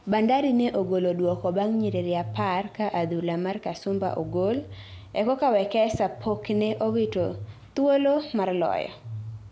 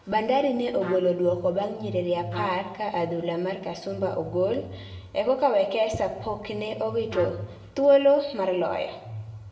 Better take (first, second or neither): first